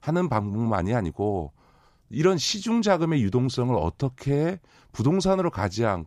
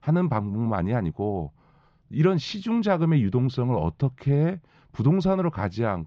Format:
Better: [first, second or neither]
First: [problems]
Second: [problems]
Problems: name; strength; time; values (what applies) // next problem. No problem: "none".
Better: first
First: none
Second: muffled; slightly; fading above 3.5 kHz